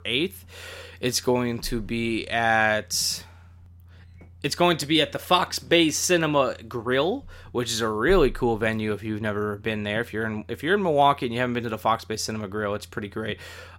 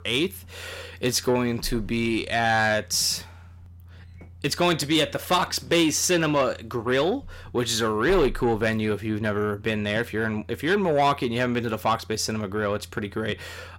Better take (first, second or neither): first